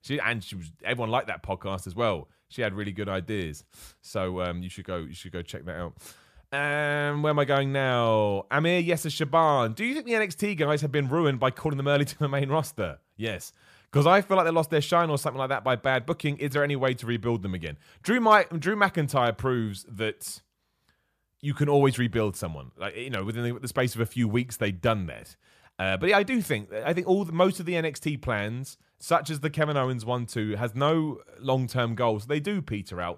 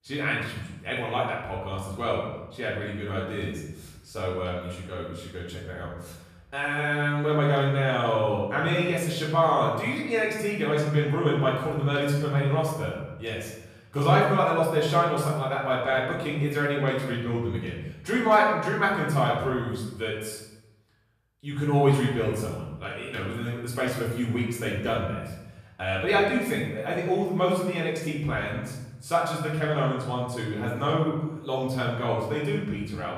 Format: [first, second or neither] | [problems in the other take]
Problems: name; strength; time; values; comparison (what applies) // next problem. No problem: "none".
first | room echo; noticeable; dies away in 0.8 s // off-mic speech; far